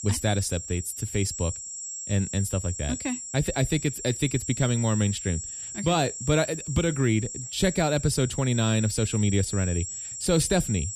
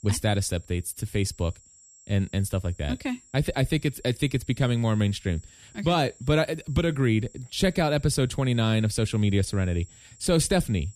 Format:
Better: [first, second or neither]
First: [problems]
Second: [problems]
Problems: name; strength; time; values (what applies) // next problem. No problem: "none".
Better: second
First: high-pitched whine; loud; throughout; 7.5 kHz, 7 dB below the speech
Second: high-pitched whine; faint; throughout; 7.5 kHz, 25 dB below the speech